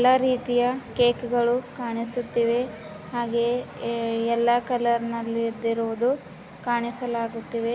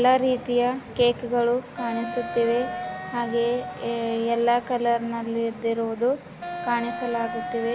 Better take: first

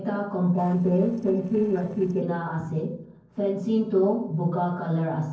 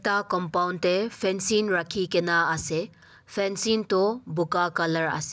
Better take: second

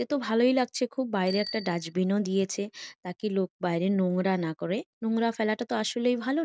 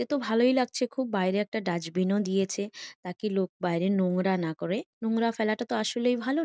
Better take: second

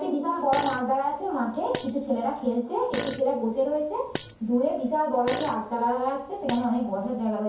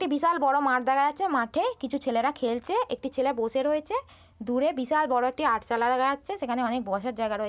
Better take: second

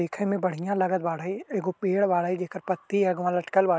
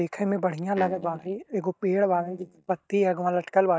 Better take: first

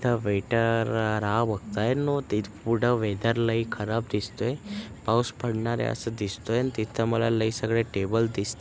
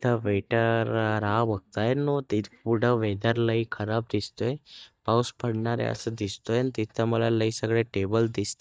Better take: first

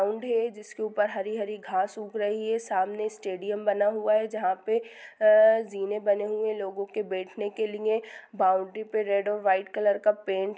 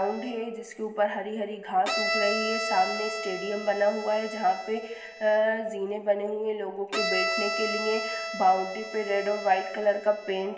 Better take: first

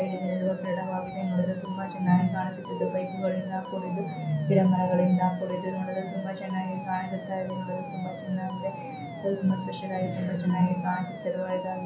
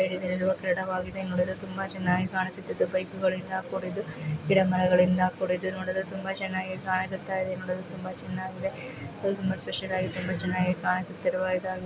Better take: second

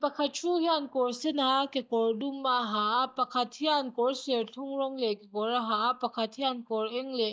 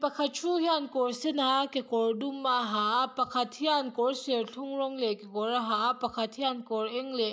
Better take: second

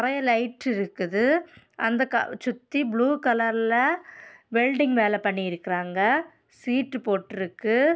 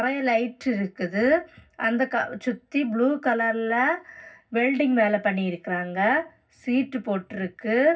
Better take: first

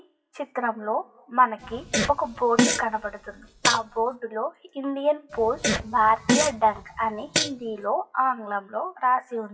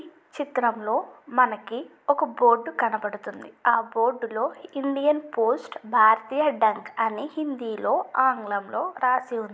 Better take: second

